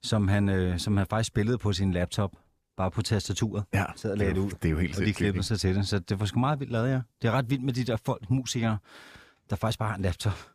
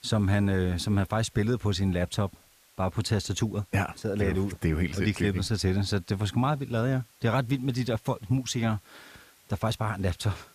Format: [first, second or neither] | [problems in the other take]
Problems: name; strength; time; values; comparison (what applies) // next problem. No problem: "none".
first | hiss; faint; throughout; 30 dB below the speech